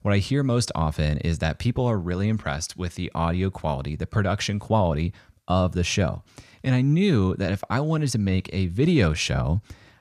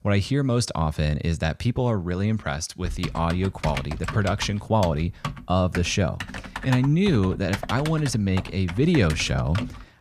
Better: first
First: none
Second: keyboard typing; noticeable; from 3 s on; peak 7 dB below the speech

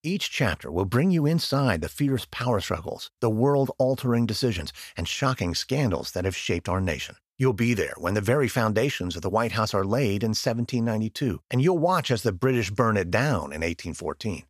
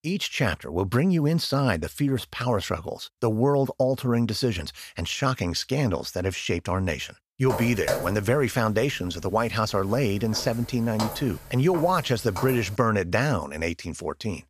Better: first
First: none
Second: footsteps; noticeable; from 7.5 to 13 s; peak 3 dB below the speech

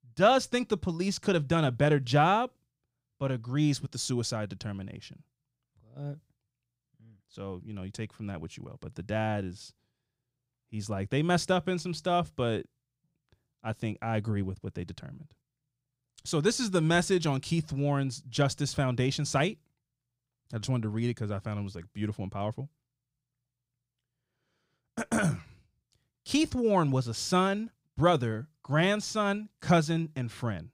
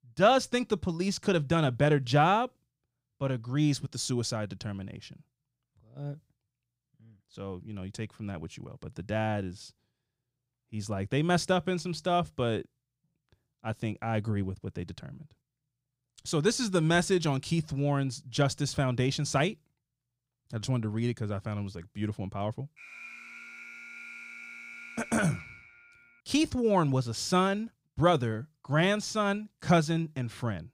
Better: first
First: none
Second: alarm; faint; from 23 to 26 s; peak 15 dB below the speech

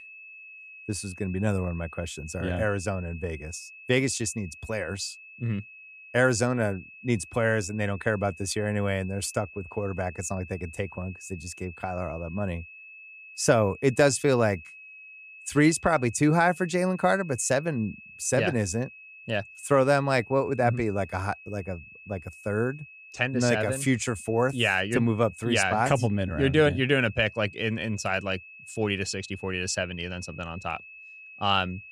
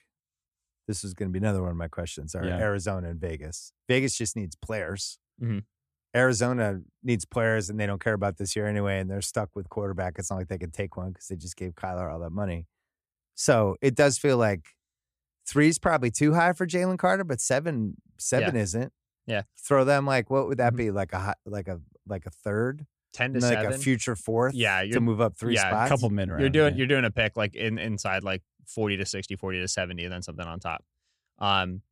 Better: second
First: high-pitched whine; noticeable; throughout; 2.5 kHz, 20 dB below the speech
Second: none

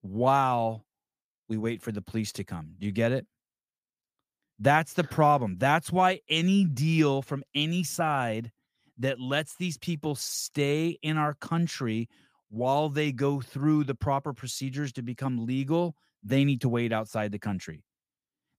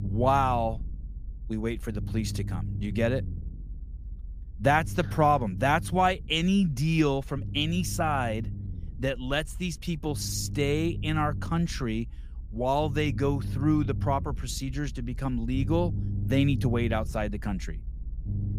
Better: first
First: none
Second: low rumble; noticeable; throughout; 20 dB below the speech

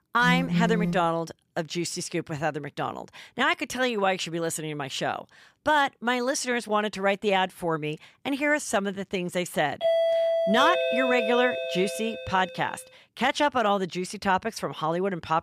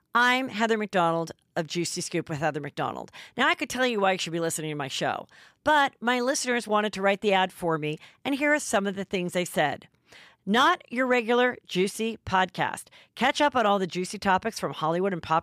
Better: second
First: phone ringing; loud; at the start; peak 1 dB above the speech // doorbell; loud; from 10 to 12 s; peak 4 dB above the speech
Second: none

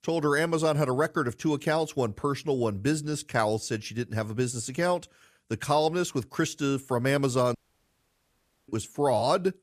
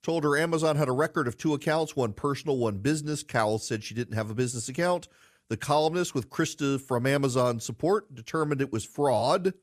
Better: second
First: audio cutting out; at 7.5 s for 1 s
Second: none

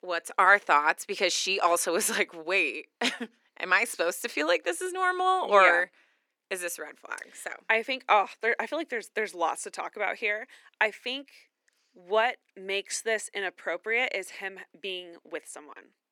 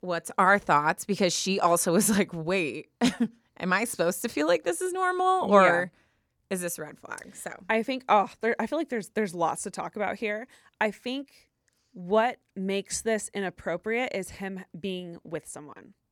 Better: second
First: thin; somewhat; fading below 300 Hz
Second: none

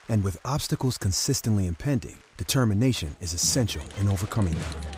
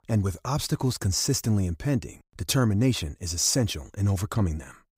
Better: second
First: crowd noise; noticeable; throughout; 10 dB below the speech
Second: none

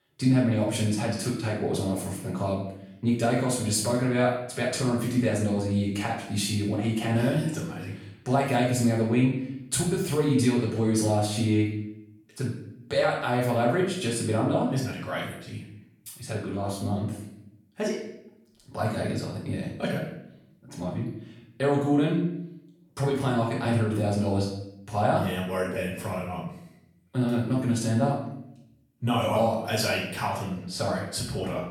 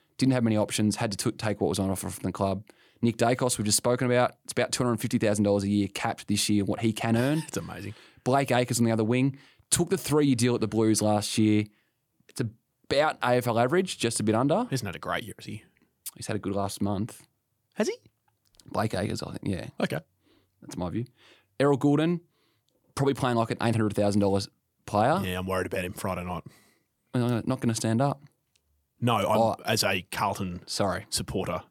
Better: second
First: off-mic speech; far // room echo; noticeable; dies away in 0.7 s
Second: none

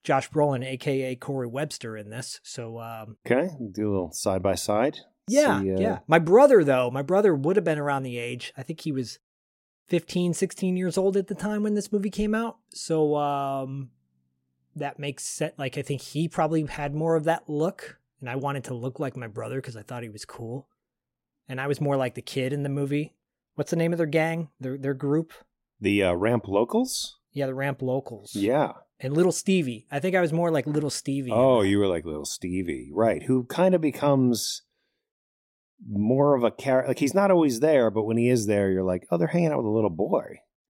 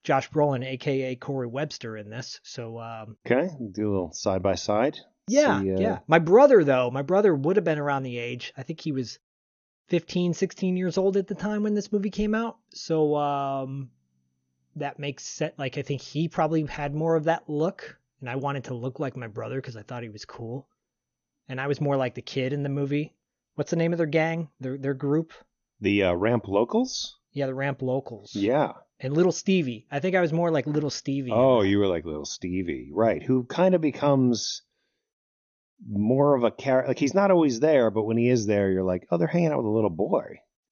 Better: first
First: none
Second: garbled, watery; slightly; nothing above 6.5 kHz

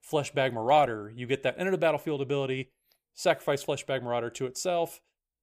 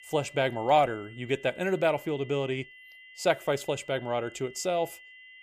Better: first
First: none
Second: high-pitched whine; noticeable; throughout; 2 kHz, 20 dB below the speech

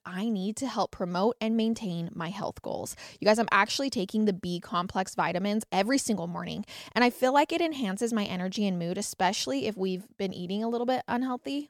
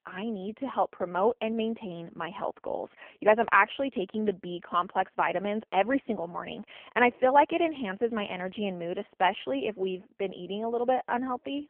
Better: first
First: none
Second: phone-call audio; poor line; nothing above 3 kHz

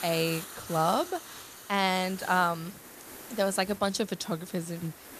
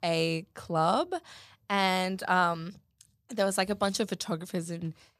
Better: second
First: hiss; noticeable; throughout; 15 dB below the speech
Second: none

